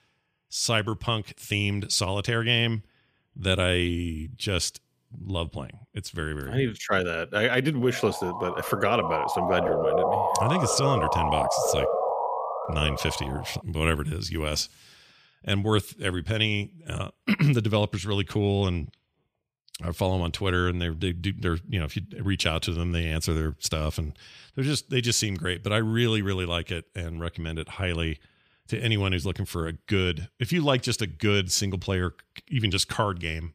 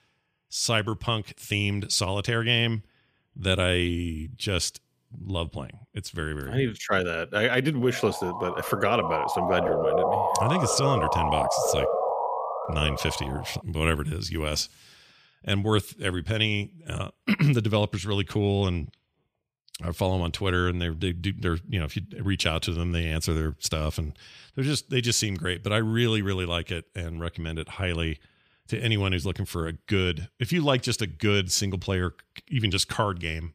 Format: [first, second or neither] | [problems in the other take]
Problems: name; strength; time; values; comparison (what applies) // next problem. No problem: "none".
neither | siren; loud; from 8 to 13 s; peak 3 dB above the speech; the same in both